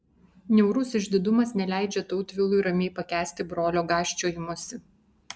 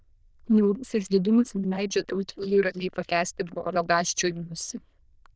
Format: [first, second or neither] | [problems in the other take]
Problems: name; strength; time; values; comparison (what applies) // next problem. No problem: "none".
first | noise reduction (neural diffusion model UNIVERSE++)